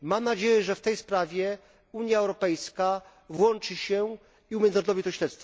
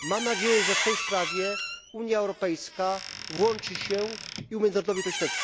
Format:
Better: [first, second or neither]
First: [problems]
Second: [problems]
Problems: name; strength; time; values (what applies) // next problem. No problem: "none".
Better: first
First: none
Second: background sound (Squeak); 4 dB below the speech